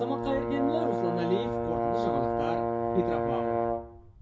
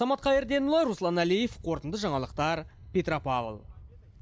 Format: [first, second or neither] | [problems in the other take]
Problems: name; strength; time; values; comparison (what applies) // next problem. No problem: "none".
second | background sound (Brass instrument); 4 dB above the speech // room echo; dies away in 0.1 s